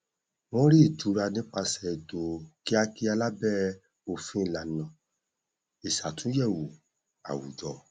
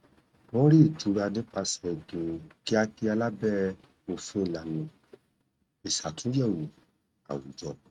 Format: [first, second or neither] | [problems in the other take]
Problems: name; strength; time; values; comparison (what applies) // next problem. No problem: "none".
first | noise reduction (neural mask model RNNoise)